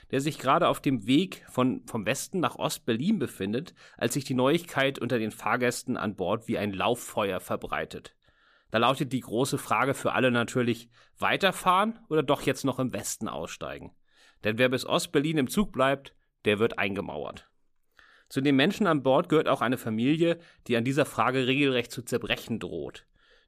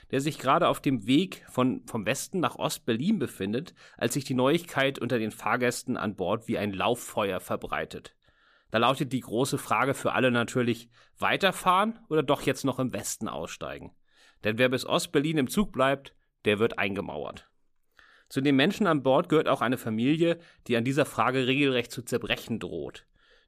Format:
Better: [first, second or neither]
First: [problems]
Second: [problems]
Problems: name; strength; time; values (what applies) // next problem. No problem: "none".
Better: neither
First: none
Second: none